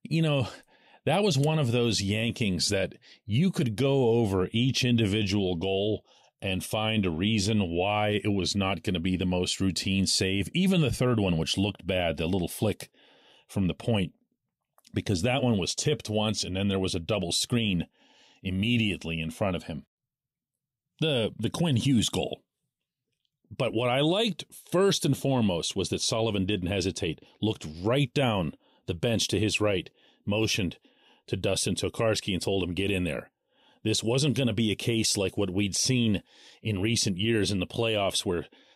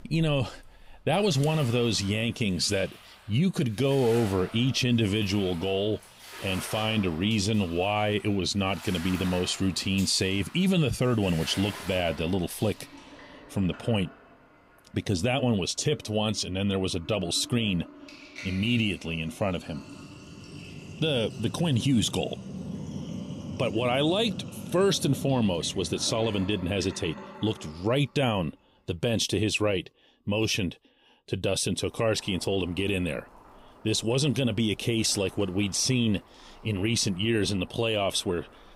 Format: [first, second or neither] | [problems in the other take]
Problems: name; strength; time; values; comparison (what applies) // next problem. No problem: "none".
first | household noises; noticeable; throughout; 15 dB below the speech